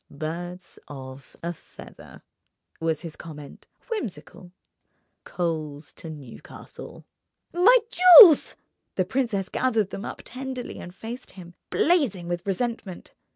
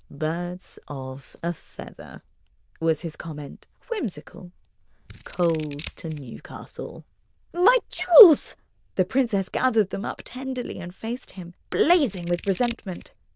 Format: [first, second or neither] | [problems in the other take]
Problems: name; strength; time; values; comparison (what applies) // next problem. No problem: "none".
first | noise reduction (neural diffusion model UNIVERSE++)